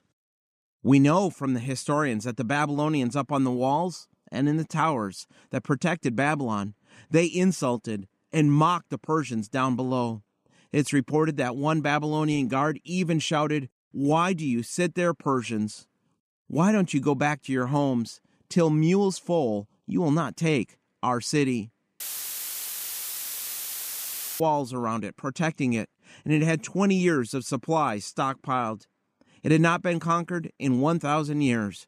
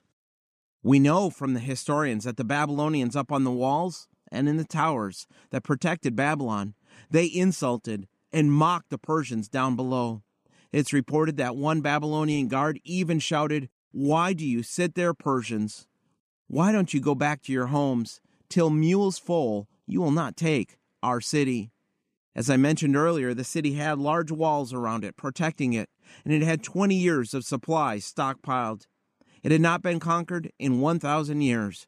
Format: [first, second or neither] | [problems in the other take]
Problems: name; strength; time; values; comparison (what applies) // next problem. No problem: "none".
second | audio cutting out; filled with static; at 22 s for 2.5 s